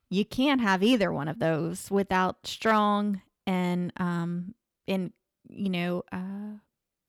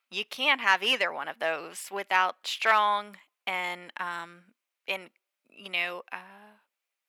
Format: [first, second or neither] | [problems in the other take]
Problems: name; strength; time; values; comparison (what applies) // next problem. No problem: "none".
first | thin; very; fading below 800 Hz